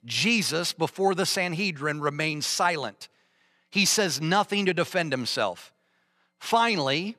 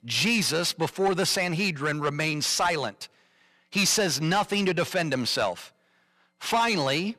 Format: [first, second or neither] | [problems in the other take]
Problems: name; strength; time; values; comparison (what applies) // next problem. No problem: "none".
first | distortion; slight; 10 dB below the speech